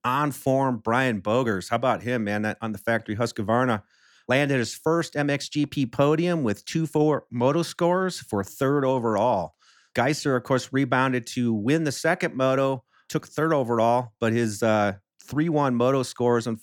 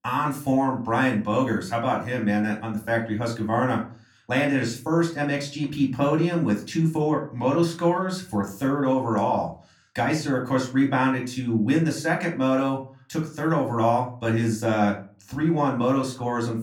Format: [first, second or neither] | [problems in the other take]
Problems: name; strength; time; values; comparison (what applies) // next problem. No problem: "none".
first | off-mic speech; somewhat distant // room echo; very slight; dies away in 0.3 s